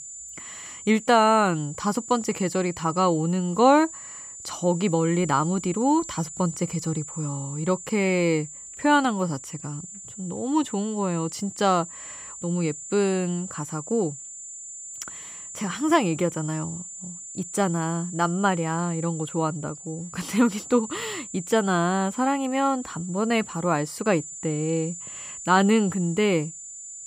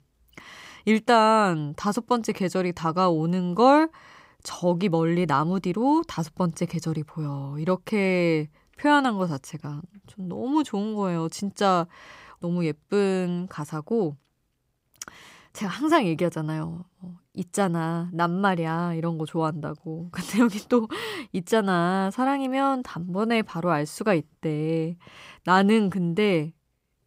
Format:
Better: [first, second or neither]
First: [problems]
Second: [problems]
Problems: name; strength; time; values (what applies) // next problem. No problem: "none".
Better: second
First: high-pitched whine; noticeable; throughout; 7 kHz, 10 dB below the speech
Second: none